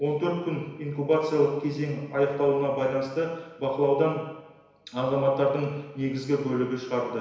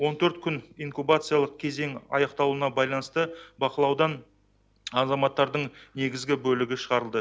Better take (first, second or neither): second